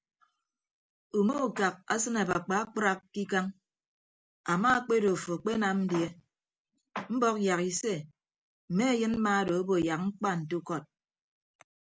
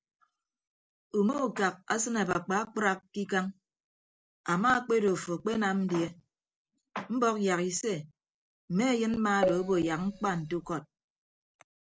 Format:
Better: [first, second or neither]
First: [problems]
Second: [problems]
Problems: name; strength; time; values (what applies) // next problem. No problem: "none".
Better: first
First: none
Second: noise reduction (neural separator model SepFormer DNS4)